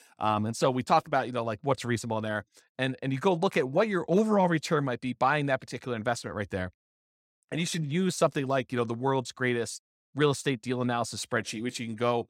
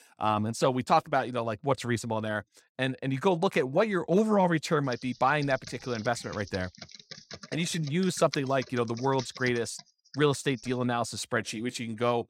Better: first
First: none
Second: keyboard typing; faint; from 5 to 11 s; peak 10 dB below the speech

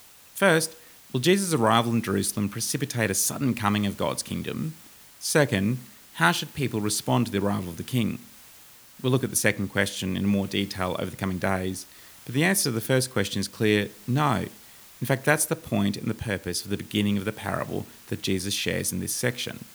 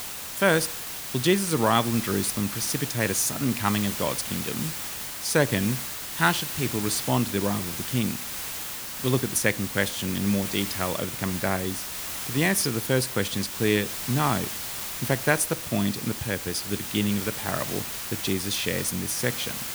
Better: first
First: hiss; faint; throughout; 20 dB below the speech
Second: hiss; loud; throughout; 5 dB below the speech

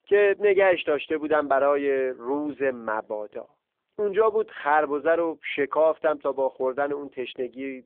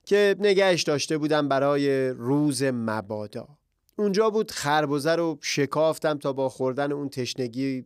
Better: second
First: phone-call audio; poor line; nothing above 3.5 kHz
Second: none

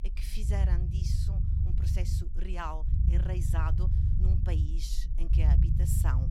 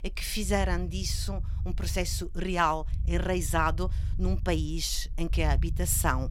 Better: second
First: low rumble; loud; throughout; 2 dB below the speech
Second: low rumble; faint; throughout; 20 dB below the speech

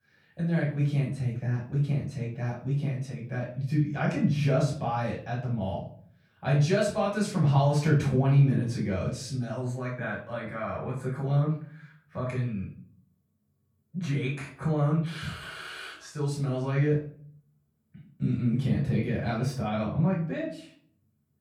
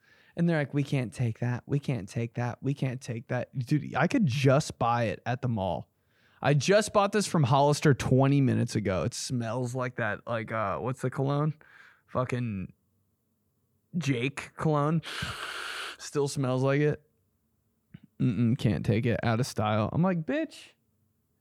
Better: second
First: off-mic speech; far // room echo; slight; dies away in 0.4 s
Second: none

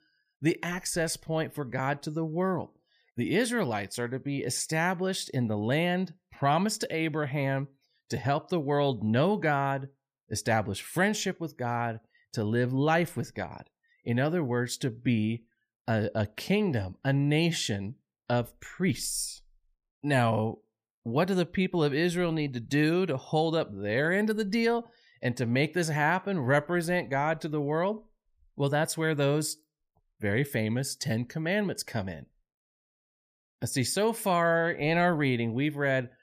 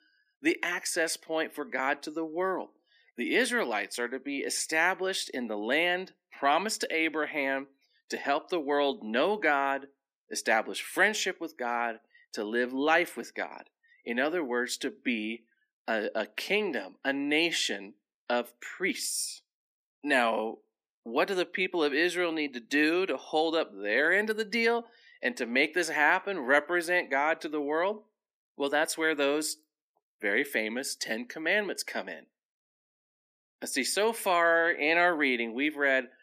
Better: first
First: none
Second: thin; somewhat; fading below 250 Hz

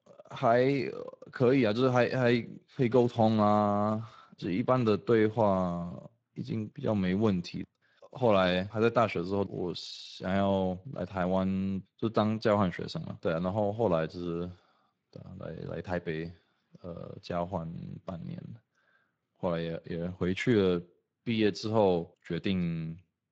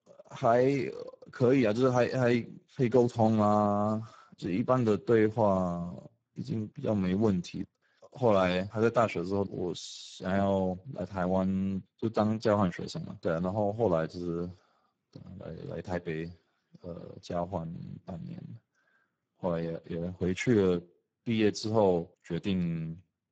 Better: first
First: garbled, watery; slightly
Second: garbled, watery; badly; nothing above 7.5 kHz

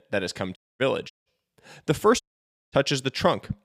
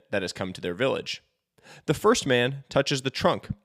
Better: second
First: audio cutting out; at 0.5 s, at 1 s and at 2 s for 0.5 s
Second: none

